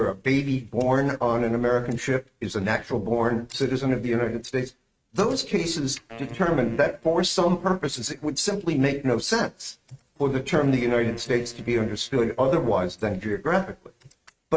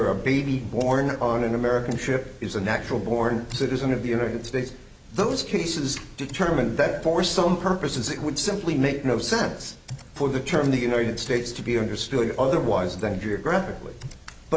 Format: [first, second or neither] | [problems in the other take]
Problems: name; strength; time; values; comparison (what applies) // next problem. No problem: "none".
second | noise reduction (neural mask model RNNoise)